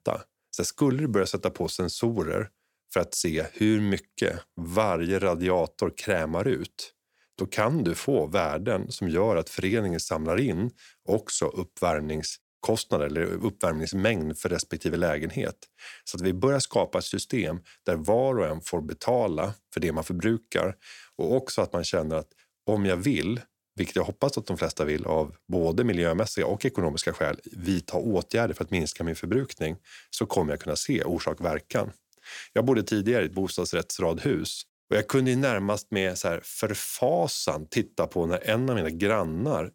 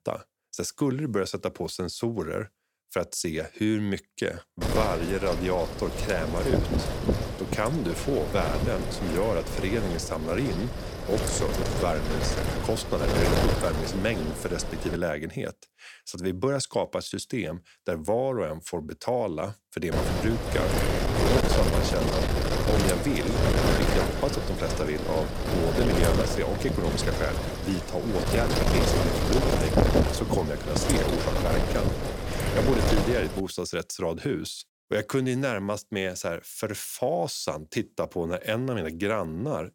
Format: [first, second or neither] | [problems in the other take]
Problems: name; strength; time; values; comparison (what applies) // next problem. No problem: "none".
first | wind noise on the microphone; heavy; from 4.5 to 15 s and from 20 to 33 s; 1 dB above the speech